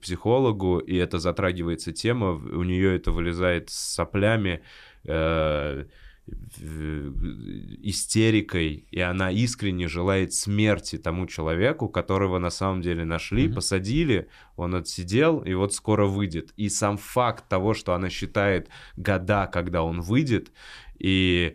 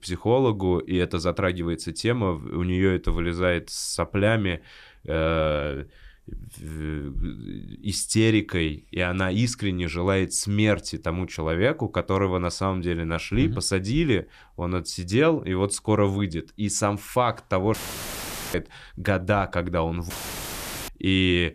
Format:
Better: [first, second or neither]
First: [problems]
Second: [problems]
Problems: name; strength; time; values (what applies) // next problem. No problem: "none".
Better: first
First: none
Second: audio cutting out; filled with static; at 18 s for 1 s and at 20 s for 1 s